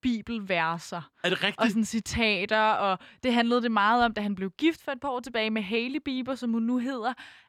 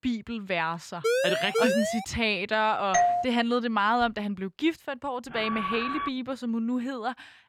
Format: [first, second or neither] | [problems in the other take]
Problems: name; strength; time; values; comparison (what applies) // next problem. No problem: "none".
first | siren; loud; from 1 to 2 s; peak 3 dB above the speech // doorbell; loud; at 3 s; peak 4 dB above the speech // alarm; noticeable; at 5.5 s; peak 3 dB below the speech